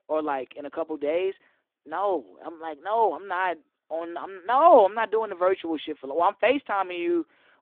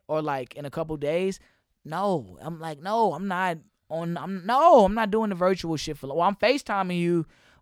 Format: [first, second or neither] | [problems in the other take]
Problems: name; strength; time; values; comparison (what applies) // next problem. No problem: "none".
second | phone-call audio; nothing above 3.5 kHz